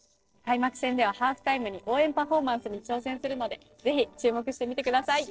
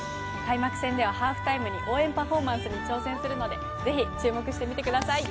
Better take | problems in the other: second | noise reduction (neural separator model SepFormer DNS4)

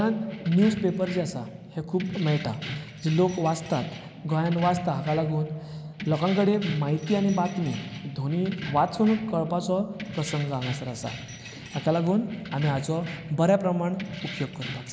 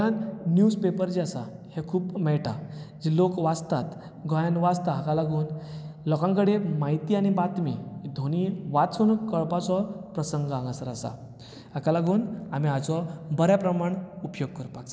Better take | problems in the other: second | background sound (Keys jangling); 14 dB below the speech

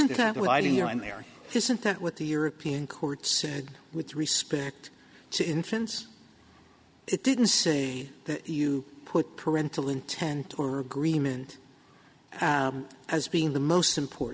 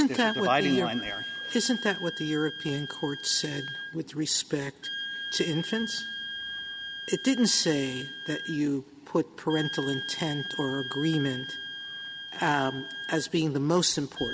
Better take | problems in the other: first | background sound (Wind instrument, woodwind instrument); 9 dB below the speech

